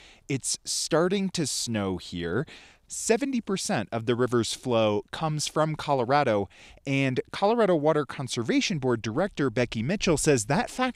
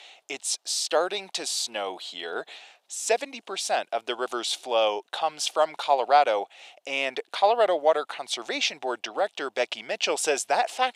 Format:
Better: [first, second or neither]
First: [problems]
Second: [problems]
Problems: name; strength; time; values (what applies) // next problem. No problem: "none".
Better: first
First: none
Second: thin; very; fading below 500 Hz